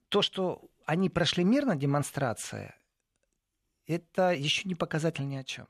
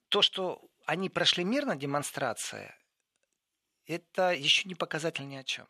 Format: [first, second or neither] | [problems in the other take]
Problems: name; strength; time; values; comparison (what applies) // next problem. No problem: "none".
first | thin; very slightly; fading below 500 Hz